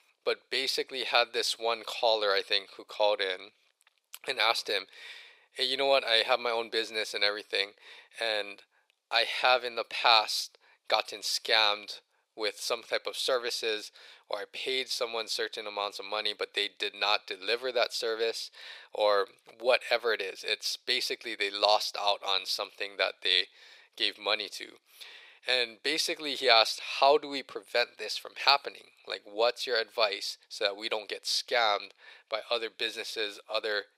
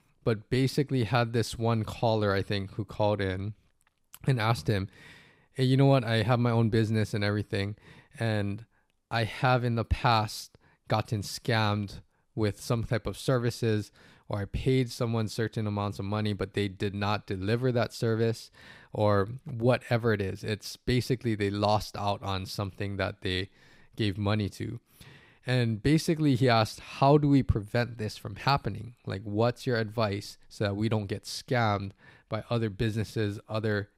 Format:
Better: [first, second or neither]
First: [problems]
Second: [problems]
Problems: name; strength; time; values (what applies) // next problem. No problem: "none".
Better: second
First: thin; very; fading below 500 Hz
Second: none